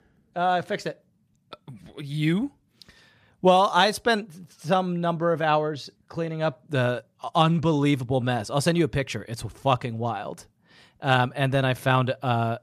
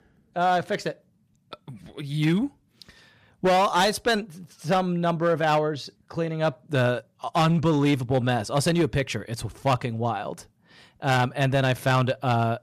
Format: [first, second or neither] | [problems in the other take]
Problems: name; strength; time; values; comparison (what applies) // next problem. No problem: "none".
first | distortion; slight; 6% of the sound clipped